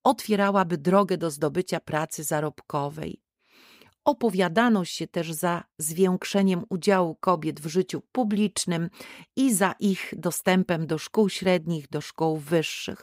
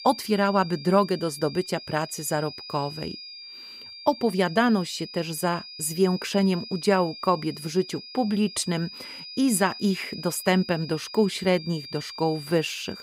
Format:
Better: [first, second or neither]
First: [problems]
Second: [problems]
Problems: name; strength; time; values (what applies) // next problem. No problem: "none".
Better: first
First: none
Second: high-pitched whine; noticeable; throughout; 5 kHz, 15 dB below the speech